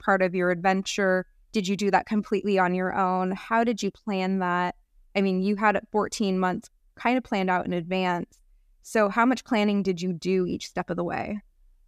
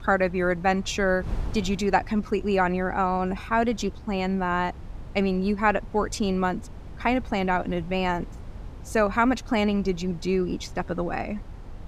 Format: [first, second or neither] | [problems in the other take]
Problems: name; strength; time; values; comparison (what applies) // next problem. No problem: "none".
first | wind noise on the microphone; occasional gusts; 25 dB below the speech